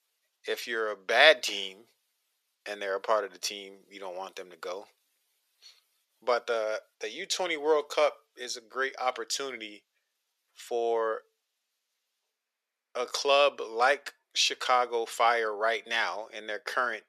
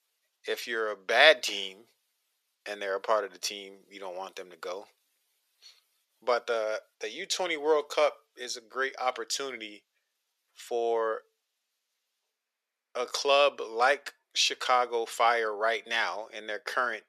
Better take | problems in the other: neither | thin; very; fading below 450 Hz; the same in both

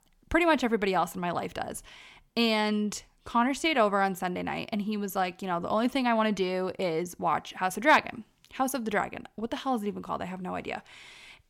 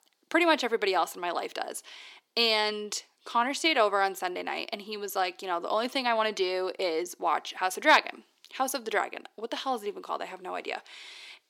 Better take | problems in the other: first | thin; somewhat; fading below 350 Hz

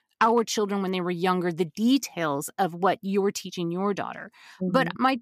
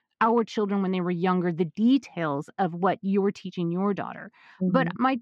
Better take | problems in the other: first | muffled; slightly; fading above 3 kHz

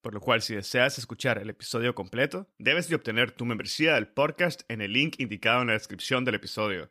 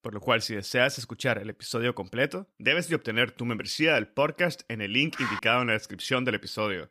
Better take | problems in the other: first | dog barking; noticeable; at 5 s; peak 6 dB below the speech

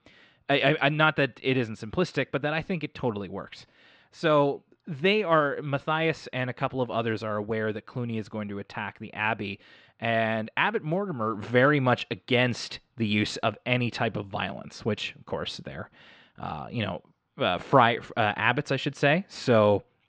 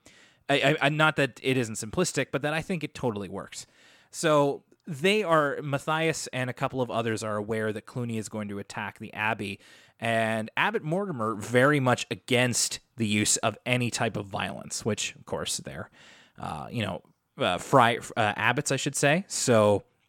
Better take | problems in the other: second | muffled; slightly; fading above 4.5 kHz

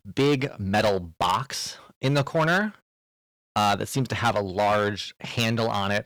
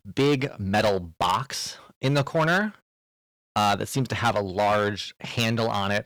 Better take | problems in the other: neither | distortion; heavy; 7% of the sound clipped; the same in both

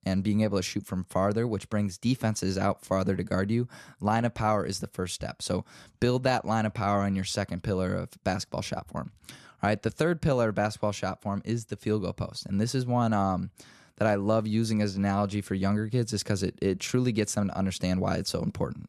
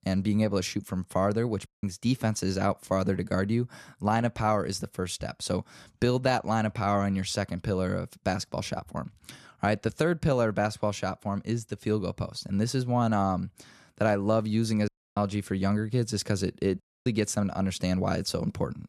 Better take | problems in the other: first | audio cutting out; at 1.5 s, at 15 s and at 17 s

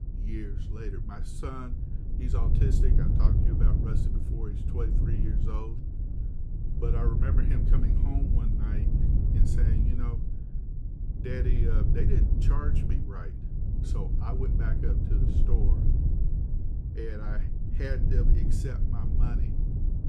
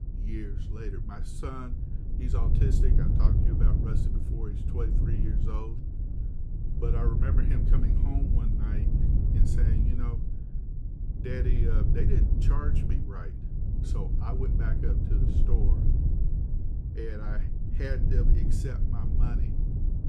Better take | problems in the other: neither | low rumble; loud; throughout; 1 dB below the speech; the same in both

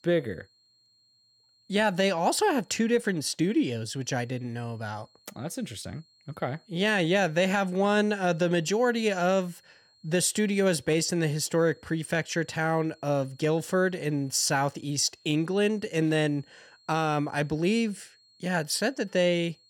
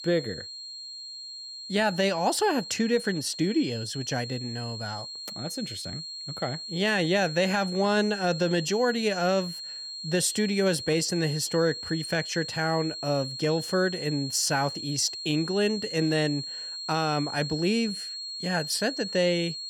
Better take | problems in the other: first | high-pitched whine; loud; throughout; 4.5 kHz, 8 dB below the speech; faint in the first

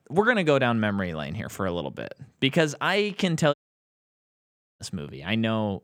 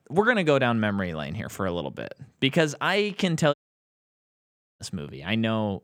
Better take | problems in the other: neither | audio cutting out; at 3.5 s for 1.5 s; the same in both

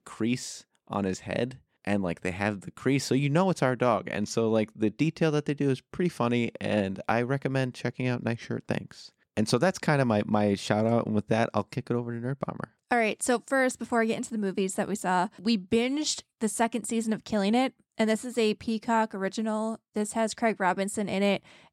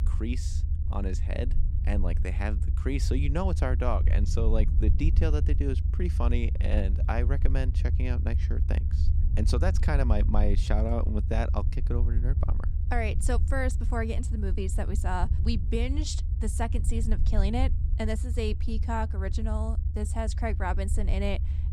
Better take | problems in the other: first | low rumble; noticeable; throughout; 10 dB below the speech

